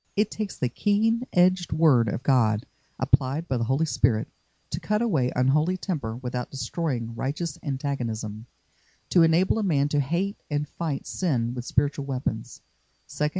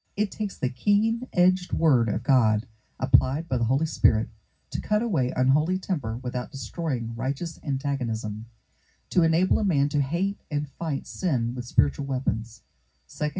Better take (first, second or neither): first